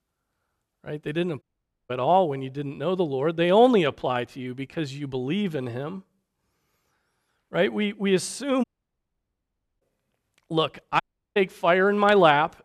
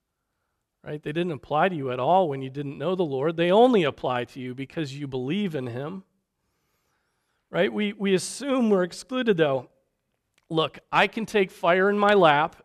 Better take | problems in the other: second | audio cutting out; at 1.5 s, at 8.5 s for 1 s and at 11 s

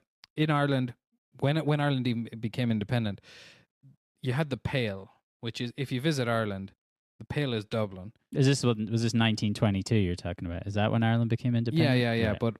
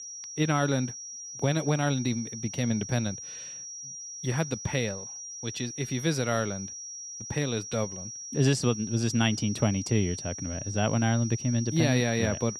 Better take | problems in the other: first | high-pitched whine; loud; throughout; 5.5 kHz, 9 dB below the speech

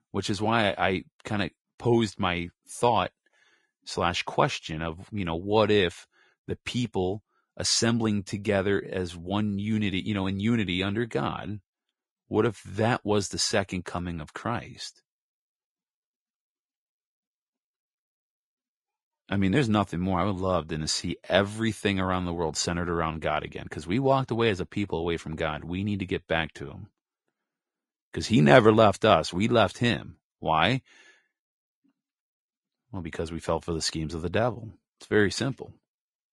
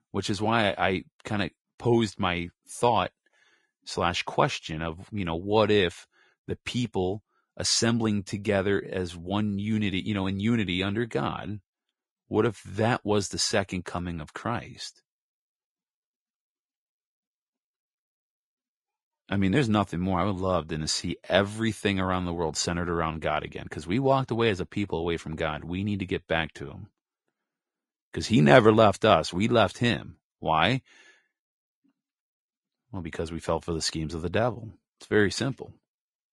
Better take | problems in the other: neither | garbled, watery; slightly; nothing above 10.5 kHz; the same in both

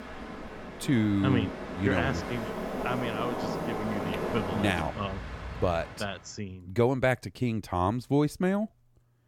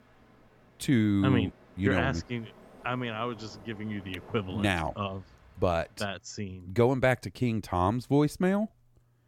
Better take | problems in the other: second | train or aircraft noise; loud; until 6 s; 6 dB below the speech; faint in the second

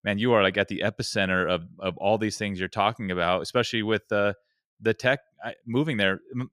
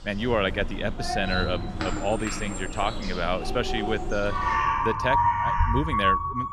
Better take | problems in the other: first | animal sounds; very loud; throughout; 1 dB above the speech

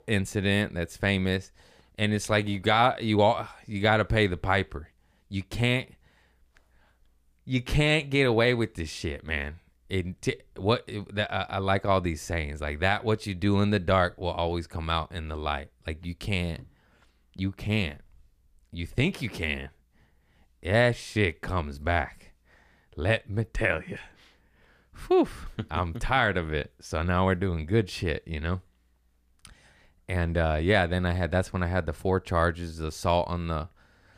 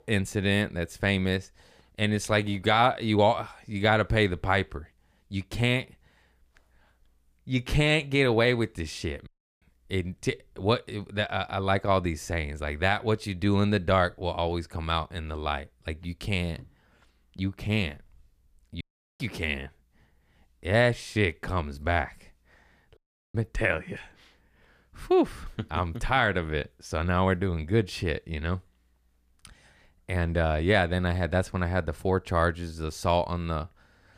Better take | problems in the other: first | audio cutting out; at 9.5 s, at 19 s and at 23 s

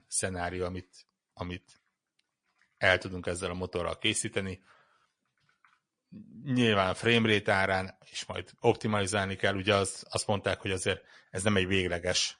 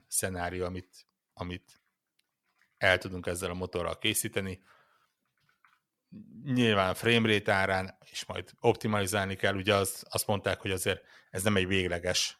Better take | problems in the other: second | garbled, watery; slightly

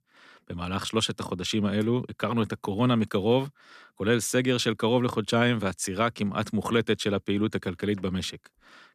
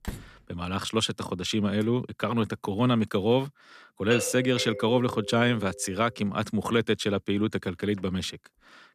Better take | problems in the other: first | door banging; faint; at the start; peak 15 dB below the speech // doorbell; noticeable; from 4 to 5.5 s; peak 5 dB below the speech

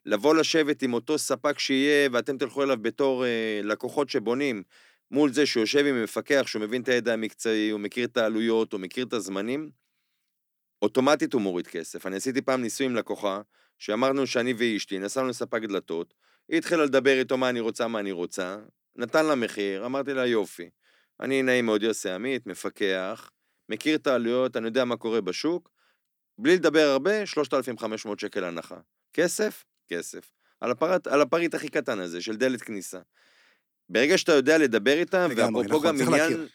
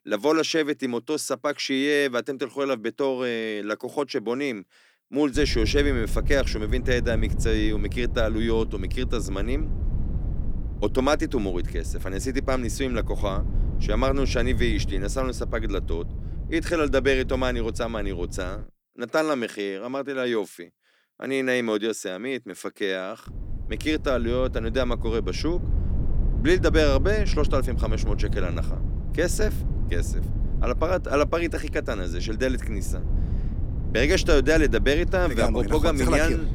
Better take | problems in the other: first | low rumble; noticeable; from 5.5 to 19 s and from 23 s on; 15 dB below the speech

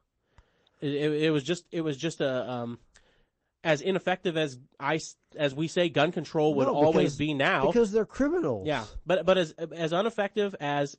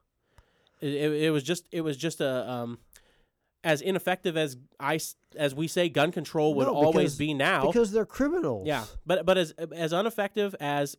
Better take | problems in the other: second | garbled, watery; slightly; nothing above 8 kHz

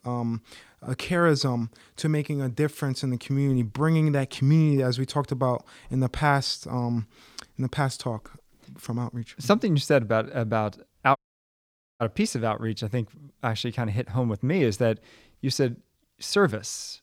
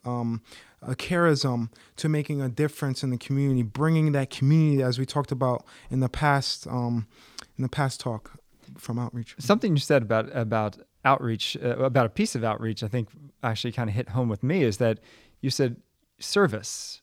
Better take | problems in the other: second | audio cutting out; at 11 s for 1 s

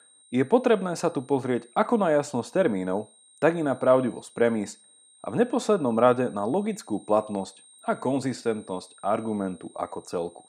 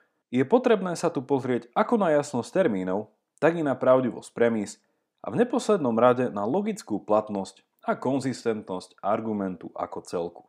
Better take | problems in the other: second | high-pitched whine; faint; throughout; 8.5 kHz, 25 dB below the speech

